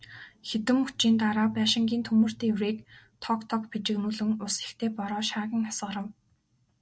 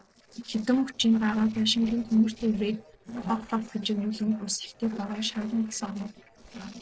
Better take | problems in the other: first | noise reduction (neural separator model SepFormer DNS4)

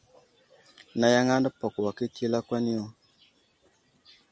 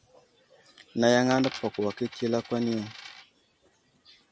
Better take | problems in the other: first | background sound (Coin (dropping)); 14 dB below the speech

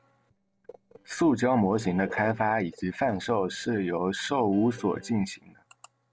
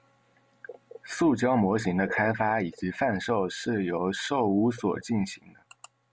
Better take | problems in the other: second | noise reduction (neural separator model SepFormer DNS4)

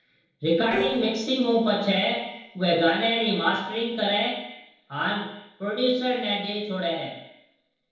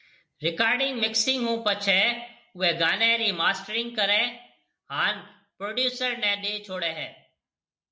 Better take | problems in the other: second | noise reduction (neural separator model SepFormer DNS4)

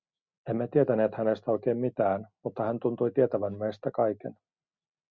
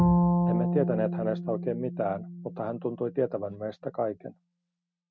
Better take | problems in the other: first | noise reduction (neural mask model RNNoise)

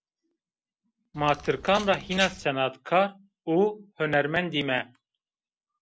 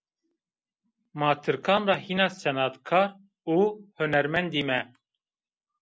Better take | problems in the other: second | background sound (Bird vocalization, bird call, bird song); 11 dB below the speech

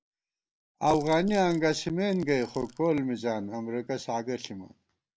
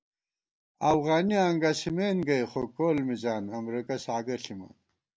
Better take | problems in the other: second | background sound (Rattle / Rattle (instrument)); 20 dB below the speech

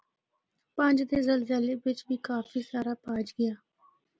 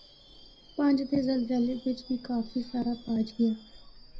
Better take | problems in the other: first | background sound (Screech / Subway, metro, underground); 19 dB below the speech // room echo; dies away in 0.4 s

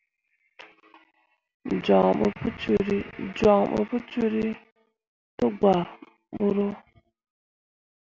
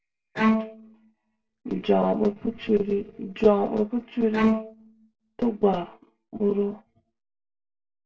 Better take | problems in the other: first | noise reduction (neural separator model SepFormer DNS4)

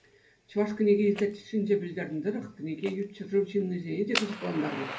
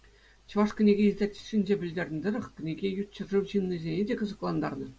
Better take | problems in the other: second | background sound (Fire); 13 dB below the speech // room echo; dies away in 0.3 s

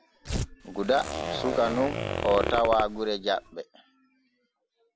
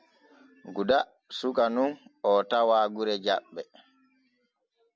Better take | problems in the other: second | background sound (Zipper (clothing) + Tearing); 4 dB below the speech

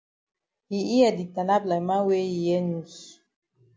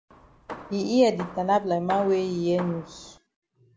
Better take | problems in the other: first | background sound (Hammer); 15 dB below the speech

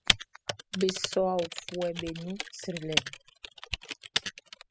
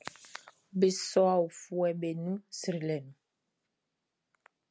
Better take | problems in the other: second | noise reduction (classical method spectral subtraction)

